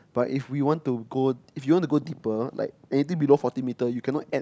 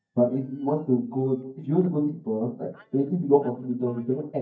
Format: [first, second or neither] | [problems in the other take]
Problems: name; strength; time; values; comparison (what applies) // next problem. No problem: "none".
first | noise reduction (neural mask model DeepFilterNet 3)